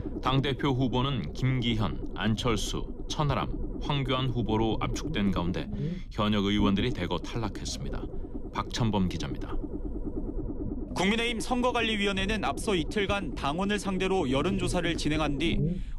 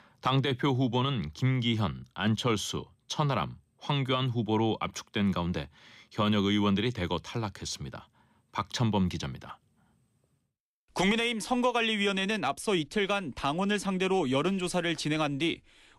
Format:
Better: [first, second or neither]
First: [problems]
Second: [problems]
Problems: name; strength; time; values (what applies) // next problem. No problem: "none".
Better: second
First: low rumble; noticeable; throughout; 10 dB below the speech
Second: none